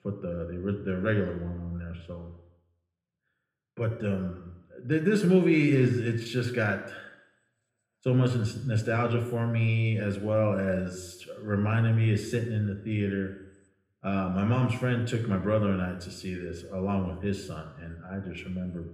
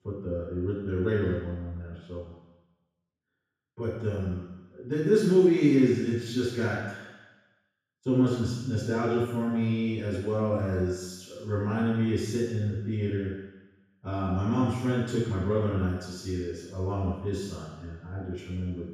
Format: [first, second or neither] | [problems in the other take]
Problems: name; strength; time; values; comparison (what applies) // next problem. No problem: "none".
first | room echo; strong; dies away in 1.1 s; slight in the first // off-mic speech; far